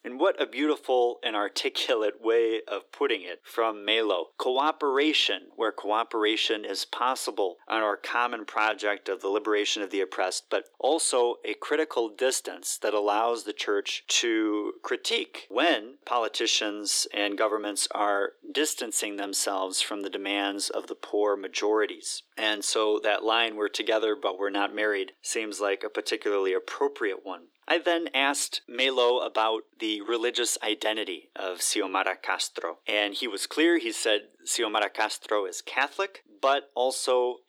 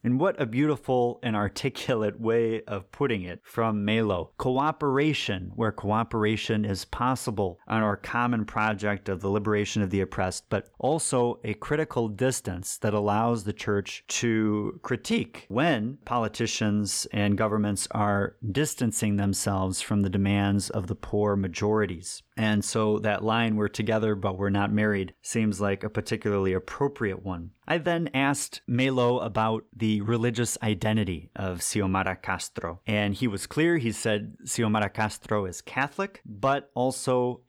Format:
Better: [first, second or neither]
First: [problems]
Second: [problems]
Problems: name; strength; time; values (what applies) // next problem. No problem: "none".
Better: second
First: thin; very; fading below 300 Hz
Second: none